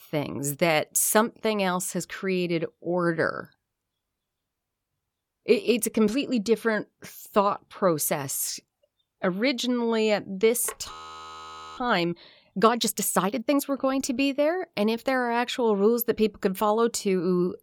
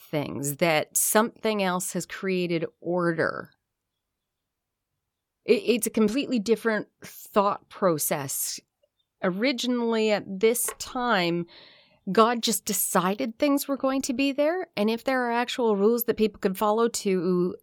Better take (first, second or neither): second